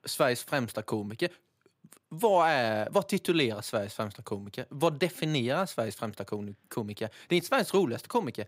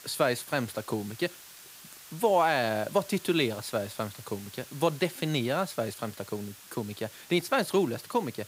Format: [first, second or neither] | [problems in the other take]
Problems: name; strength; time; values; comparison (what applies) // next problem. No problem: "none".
first | hiss; noticeable; throughout; 15 dB below the speech